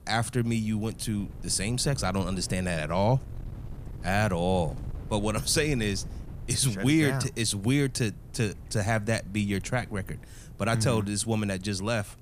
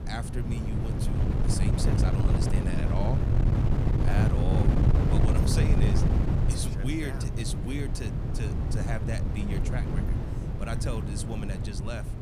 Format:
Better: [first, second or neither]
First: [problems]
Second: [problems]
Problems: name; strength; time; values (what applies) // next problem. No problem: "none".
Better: first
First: wind noise on the microphone; occasional gusts; 25 dB below the speech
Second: wind noise on the microphone; heavy; 1 dB above the speech